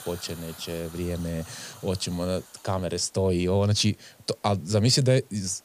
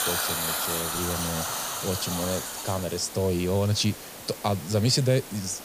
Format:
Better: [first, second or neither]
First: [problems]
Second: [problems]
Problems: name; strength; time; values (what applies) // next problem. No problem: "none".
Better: first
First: hiss; faint; throughout; 20 dB below the speech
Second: hiss; loud; throughout; 3 dB below the speech